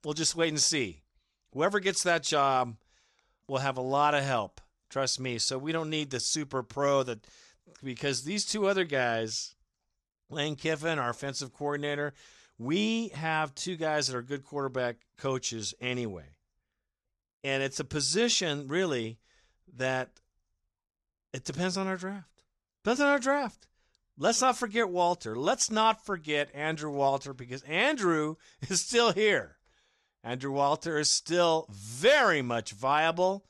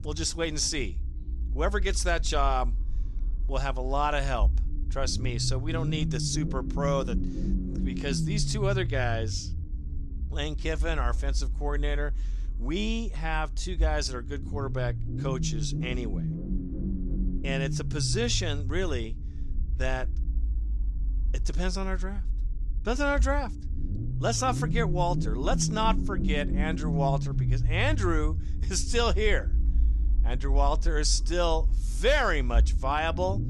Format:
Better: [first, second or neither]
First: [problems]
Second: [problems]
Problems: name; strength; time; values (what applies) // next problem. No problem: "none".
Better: first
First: none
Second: low rumble; noticeable; throughout; 15 dB below the speech